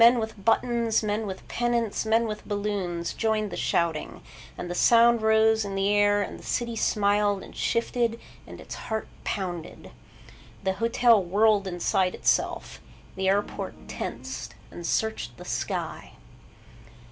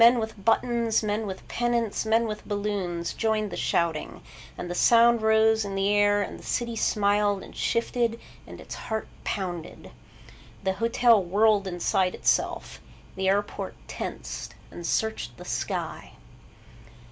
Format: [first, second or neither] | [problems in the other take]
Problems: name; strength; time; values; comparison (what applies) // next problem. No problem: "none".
second | background sound (Guitar); 17 dB below the speech